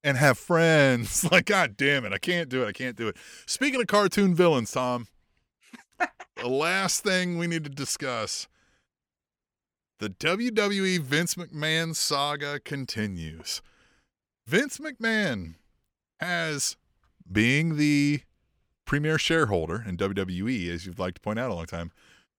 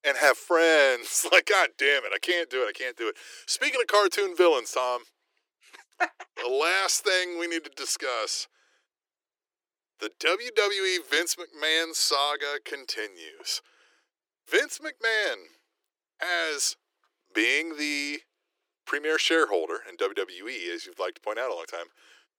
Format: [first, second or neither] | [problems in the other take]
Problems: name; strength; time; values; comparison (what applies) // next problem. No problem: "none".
first | thin; very; fading below 350 Hz